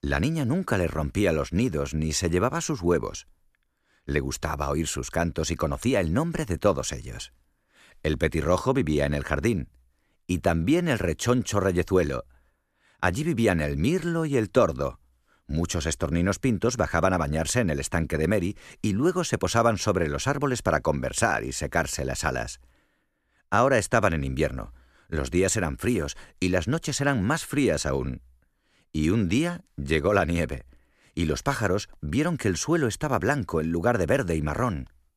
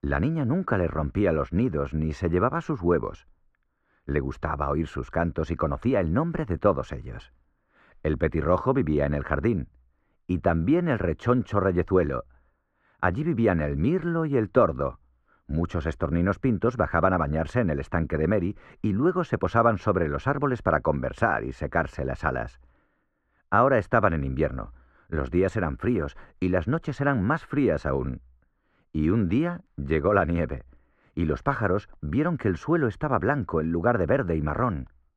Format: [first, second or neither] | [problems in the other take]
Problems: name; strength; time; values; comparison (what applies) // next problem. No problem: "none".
first | muffled; very; fading above 4 kHz